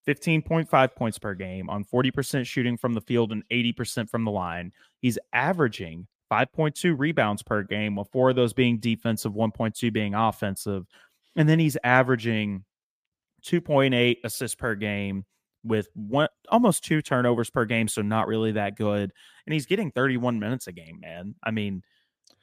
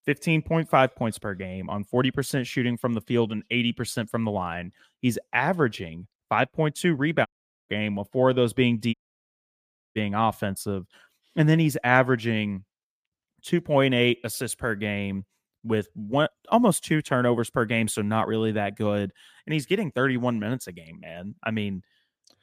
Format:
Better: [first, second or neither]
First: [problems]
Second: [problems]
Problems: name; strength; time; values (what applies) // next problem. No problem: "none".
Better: first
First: none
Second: audio cutting out; at 7.5 s and at 9 s for 1 s